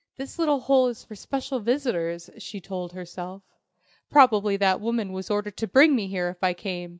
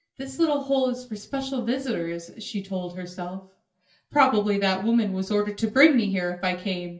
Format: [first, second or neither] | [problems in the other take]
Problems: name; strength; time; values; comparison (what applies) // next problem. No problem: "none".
first | room echo; dies away in 0.3 s